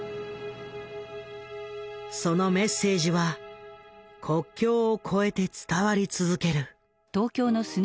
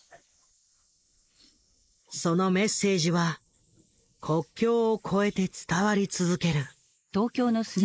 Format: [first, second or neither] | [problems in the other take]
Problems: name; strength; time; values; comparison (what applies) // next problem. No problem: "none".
first | noise reduction (neural mask model Resemble Enhance denoiser)